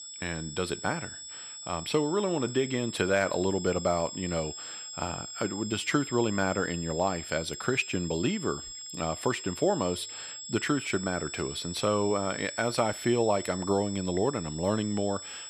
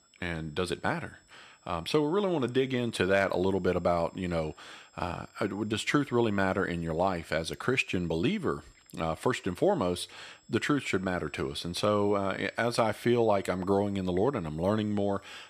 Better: second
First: high-pitched whine; loud; throughout; 7.5 kHz, 9 dB below the speech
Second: high-pitched whine; faint; throughout; 7.5 kHz, 35 dB below the speech

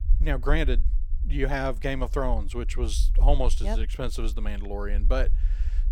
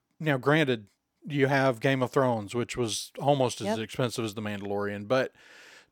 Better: second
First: low rumble; faint; throughout; 20 dB below the speech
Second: none

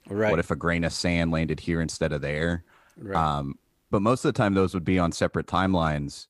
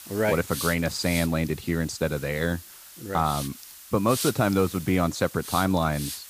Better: first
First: none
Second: hiss; noticeable; throughout; 10 dB below the speech

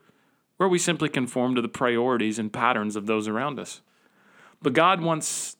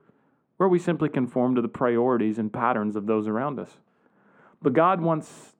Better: first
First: none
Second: muffled; very; fading above 2 kHz

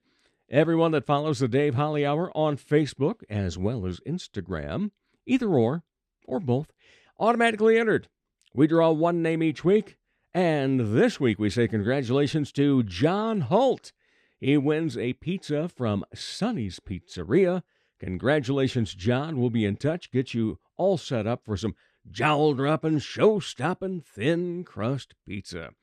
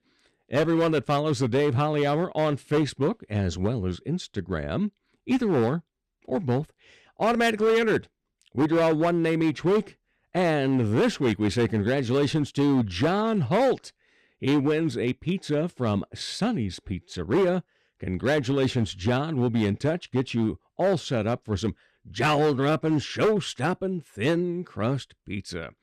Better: first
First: none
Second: distortion; slight; 8% of the sound clipped

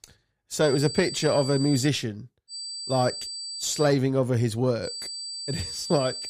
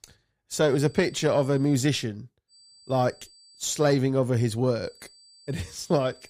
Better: second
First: high-pitched whine; loud; from 0.5 to 2 s, from 2.5 to 4 s and from 5 s on; 4.5 kHz, 8 dB below the speech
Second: high-pitched whine; faint; from 0.5 to 2 s, from 2.5 to 4 s and from 5 s on; 4.5 kHz, 25 dB below the speech

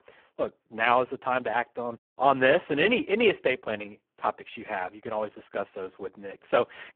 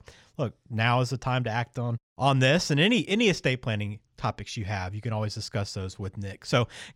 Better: second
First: phone-call audio; poor line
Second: none

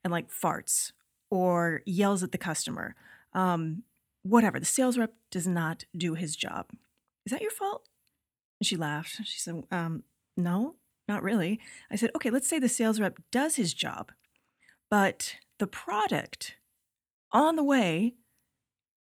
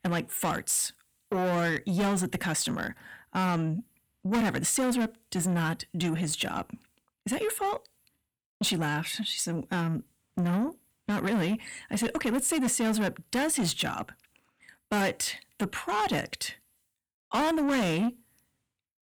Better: first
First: none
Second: distortion; heavy; 7 dB below the speech

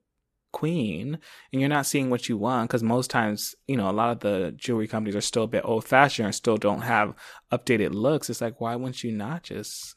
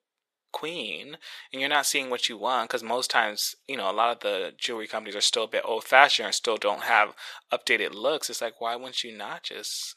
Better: first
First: none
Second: thin; very; fading below 650 Hz

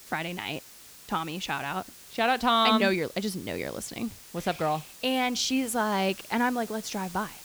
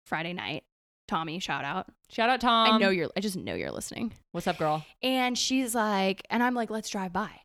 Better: second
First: hiss; noticeable; throughout; 15 dB below the speech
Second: none

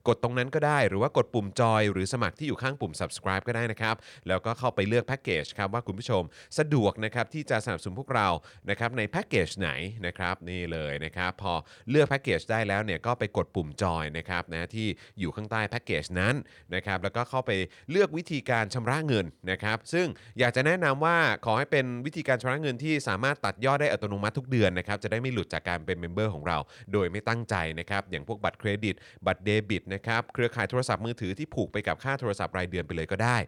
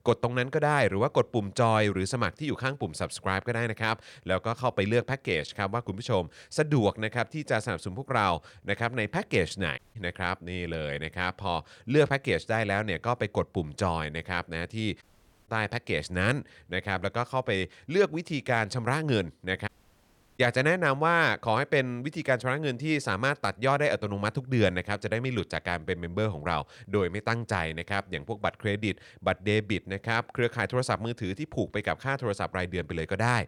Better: first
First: none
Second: audio cutting out; at 10 s, at 15 s and at 20 s for 0.5 s

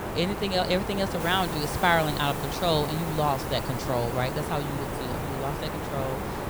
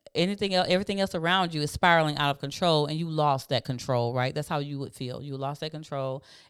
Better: second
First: hiss; loud; throughout; 4 dB below the speech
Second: none

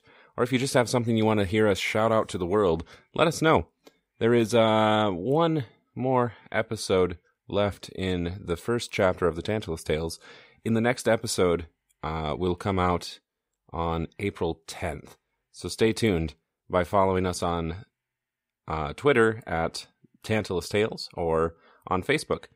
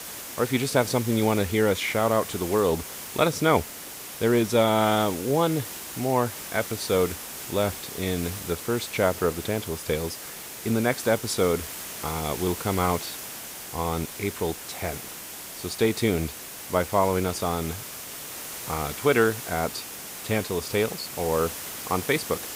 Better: first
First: none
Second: hiss; loud; throughout; 9 dB below the speech

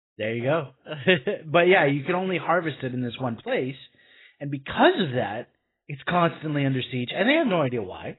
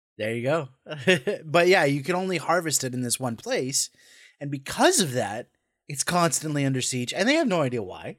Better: second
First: garbled, watery; badly; nothing above 4 kHz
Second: none

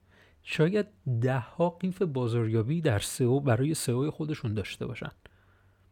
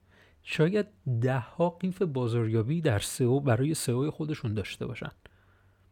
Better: neither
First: none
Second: none

